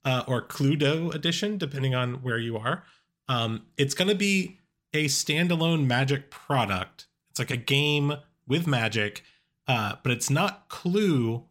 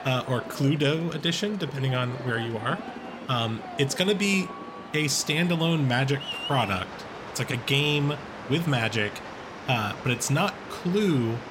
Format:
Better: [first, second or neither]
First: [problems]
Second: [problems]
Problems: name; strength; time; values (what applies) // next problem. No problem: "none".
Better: first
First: none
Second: train or aircraft noise; noticeable; throughout; 10 dB below the speech